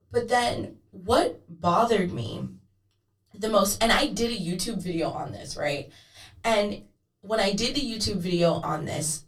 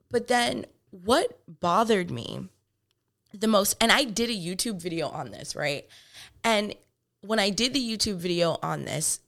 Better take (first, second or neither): second